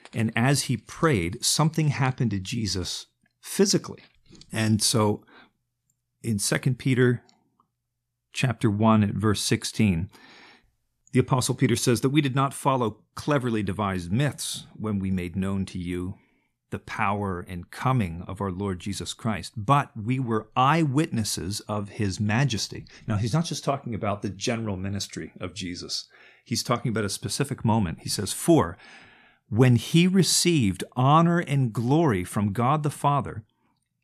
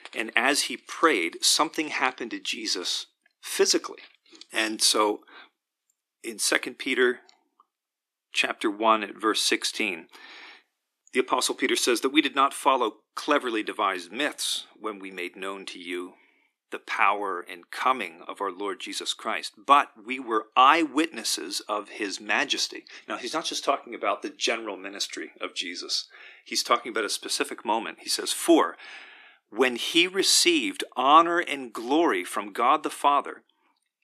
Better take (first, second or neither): first